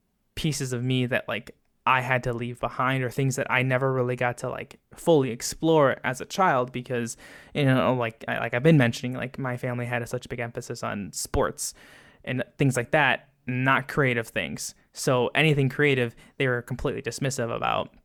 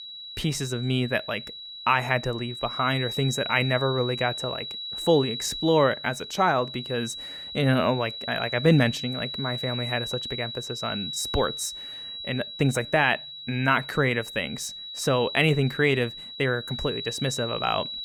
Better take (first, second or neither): first